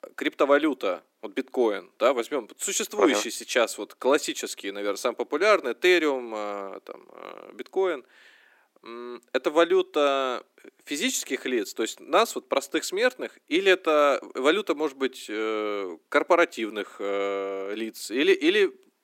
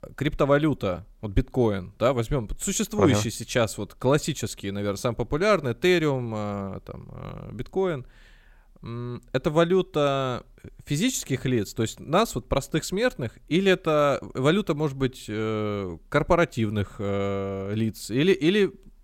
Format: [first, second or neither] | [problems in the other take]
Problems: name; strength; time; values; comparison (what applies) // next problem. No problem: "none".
second | thin; somewhat; fading below 300 Hz